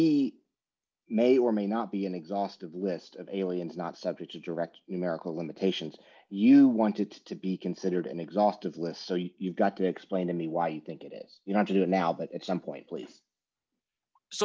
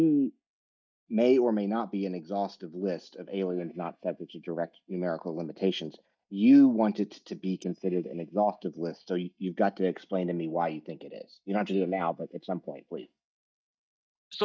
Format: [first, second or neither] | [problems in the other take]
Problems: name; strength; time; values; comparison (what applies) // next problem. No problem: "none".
first | noise reduction (neural mask model DeepFilterNet 3)